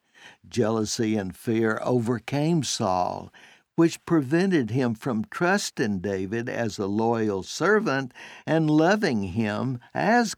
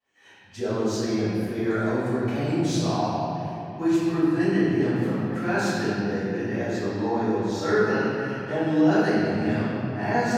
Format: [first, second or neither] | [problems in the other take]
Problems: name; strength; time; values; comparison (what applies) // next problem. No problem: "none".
first | off-mic speech; far // room echo; strong; dies away in 2.8 s